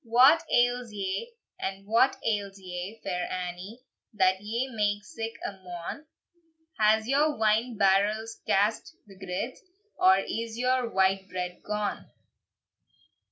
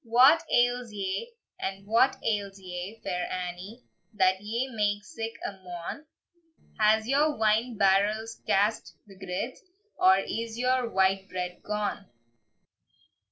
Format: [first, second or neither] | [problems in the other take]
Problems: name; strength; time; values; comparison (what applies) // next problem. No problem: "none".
first | noise reduction (neural separator model SepFormer DNS4)